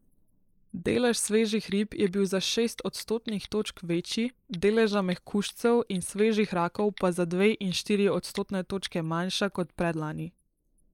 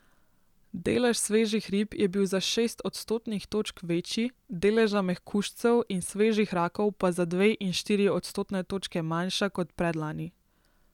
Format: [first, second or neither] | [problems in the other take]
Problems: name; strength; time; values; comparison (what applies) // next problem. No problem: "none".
second | noise reduction (neural mask model Resemble Enhance denoiser)